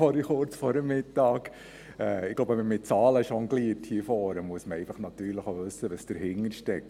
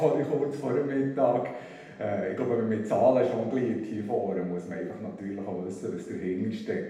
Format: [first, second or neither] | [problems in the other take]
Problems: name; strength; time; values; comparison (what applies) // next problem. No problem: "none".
first | room echo; dies away in 0.9 s